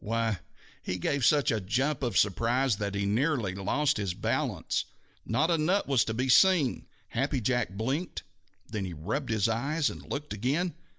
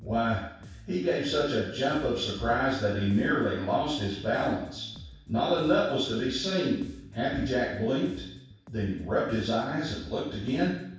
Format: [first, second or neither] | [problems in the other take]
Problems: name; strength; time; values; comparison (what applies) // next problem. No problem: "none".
first | background sound (Bass guitar); 19 dB below the speech // room echo; dies away in 0.7 s